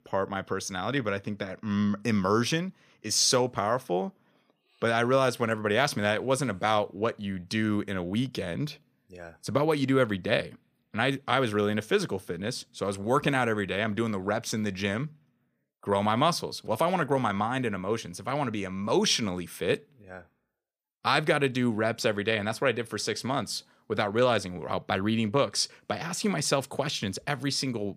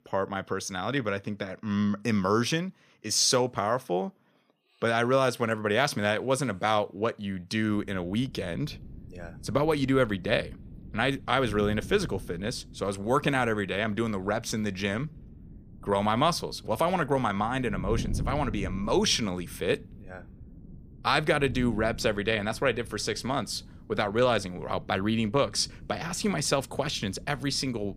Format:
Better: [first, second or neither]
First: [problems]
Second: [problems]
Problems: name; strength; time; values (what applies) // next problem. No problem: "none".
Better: first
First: none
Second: wind noise on the microphone; occasional gusts; from 7.5 s on; 25 dB below the speech